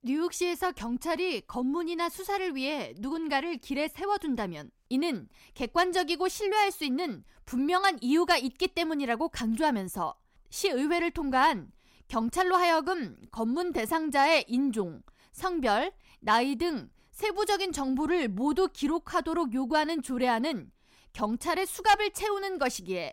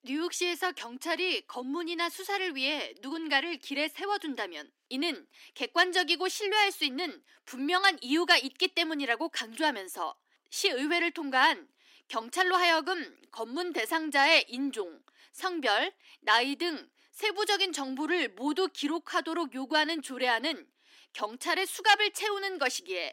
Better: first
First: none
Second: thin; very slightly; fading below 300 Hz

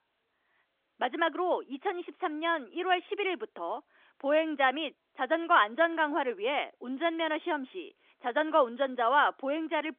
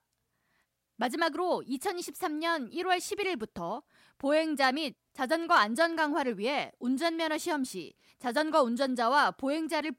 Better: second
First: phone-call audio; nothing above 3.5 kHz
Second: none

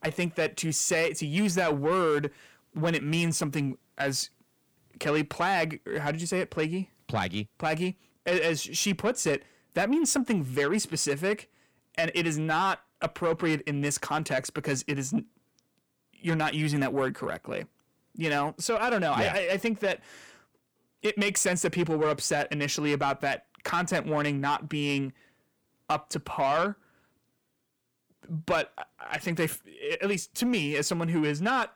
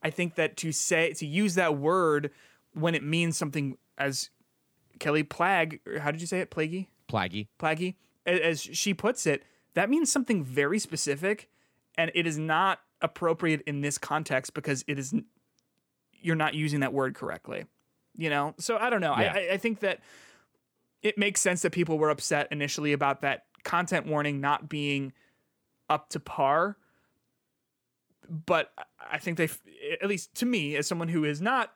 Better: second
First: distortion; slight; 10 dB below the speech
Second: none

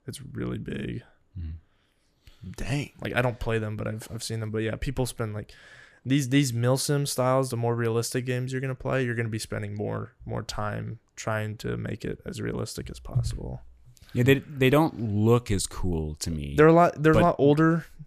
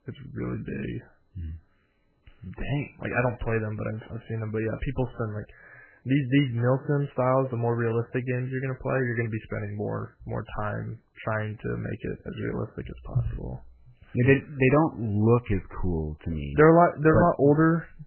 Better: first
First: none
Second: garbled, watery; badly; nothing above 3 kHz

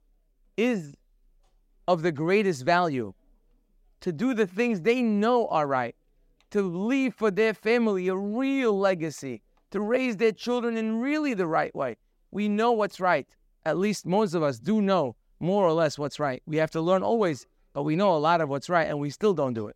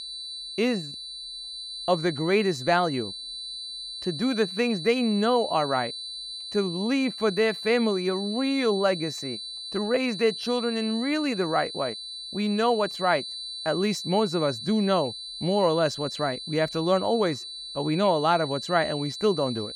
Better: first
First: none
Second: high-pitched whine; loud; throughout; 4 kHz, 8 dB below the speech

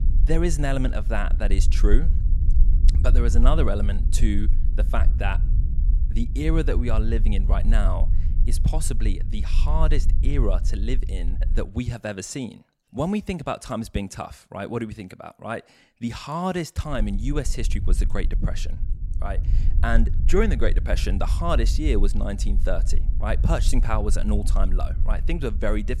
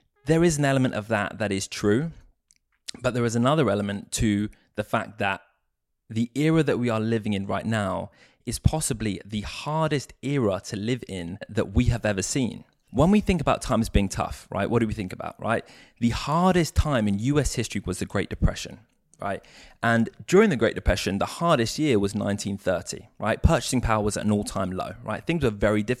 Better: second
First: low rumble; noticeable; until 12 s and from 17 s on; 15 dB below the speech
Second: none

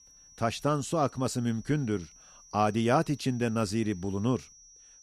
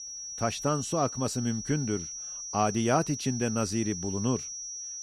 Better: first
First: high-pitched whine; faint; throughout; 5.5 kHz, 25 dB below the speech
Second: high-pitched whine; loud; throughout; 5.5 kHz, 6 dB below the speech

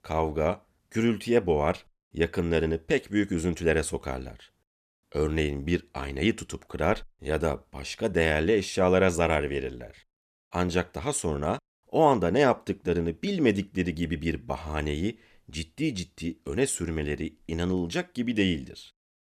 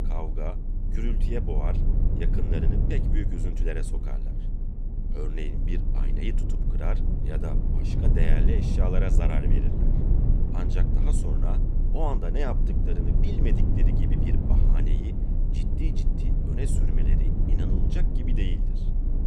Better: first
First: none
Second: low rumble; loud; throughout; 1 dB below the speech

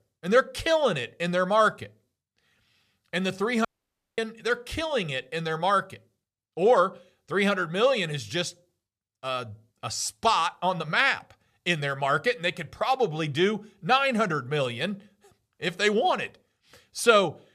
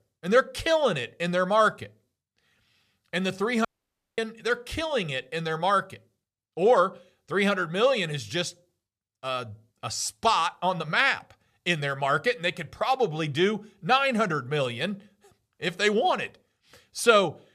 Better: neither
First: audio cutting out; at 3.5 s for 0.5 s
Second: audio cutting out; at 3.5 s for 0.5 s

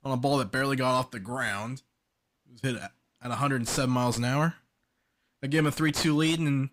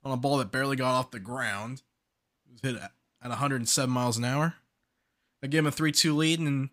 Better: second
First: distortion; slight; 9 dB below the speech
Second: none

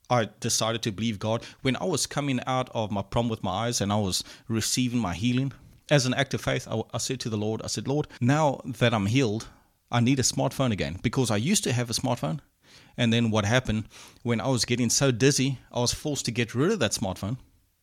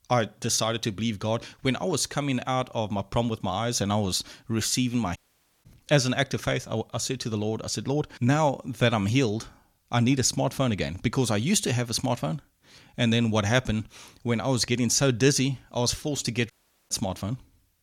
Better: first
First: none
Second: audio cutting out; at 5 s and at 17 s

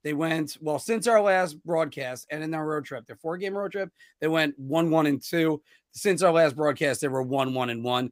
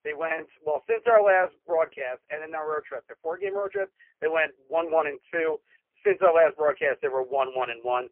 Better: first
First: none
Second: phone-call audio; poor line; nothing above 3 kHz

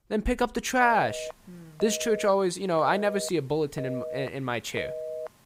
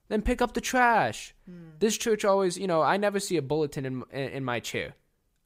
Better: second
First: phone ringing; noticeable; from 1 s on; peak 8 dB below the speech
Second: none

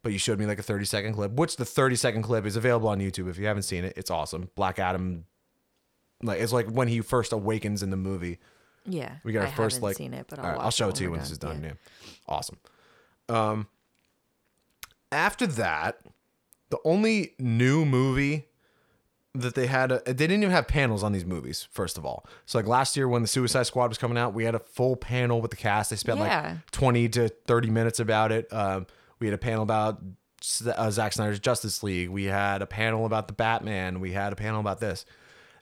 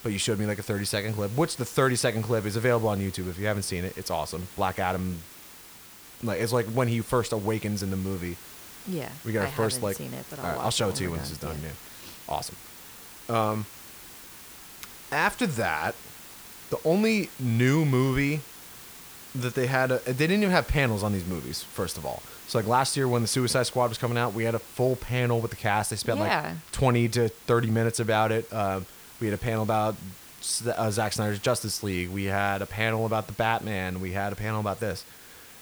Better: first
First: none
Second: hiss; noticeable; throughout; 15 dB below the speech

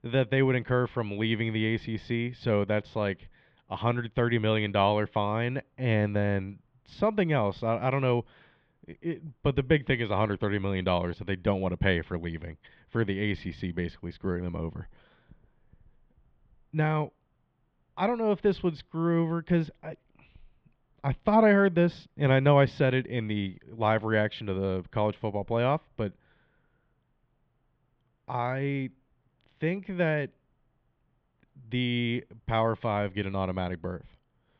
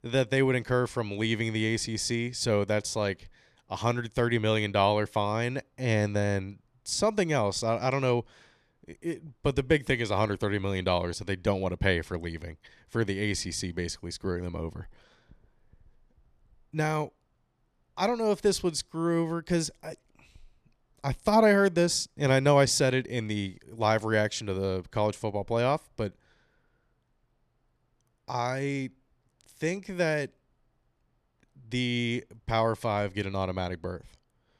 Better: second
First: muffled; very; fading above 3.5 kHz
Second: none

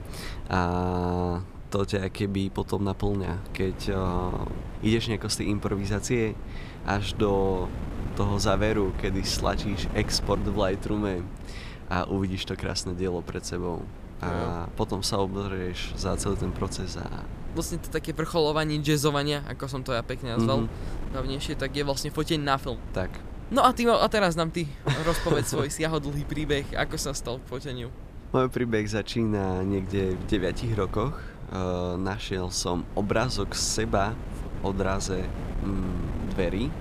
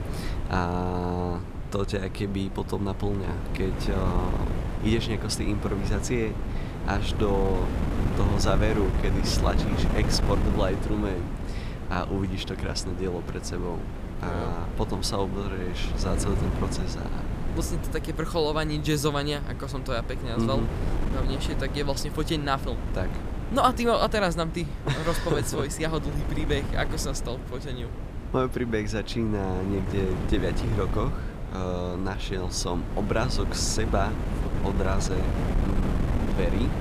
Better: first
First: wind noise on the microphone; occasional gusts; 15 dB below the speech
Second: wind noise on the microphone; heavy; 7 dB below the speech

